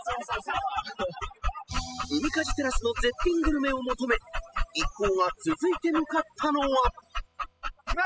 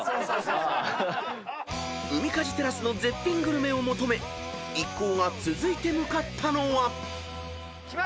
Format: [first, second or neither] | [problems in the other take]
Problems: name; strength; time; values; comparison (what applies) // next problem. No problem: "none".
second | noise reduction (classical method spectral subtraction)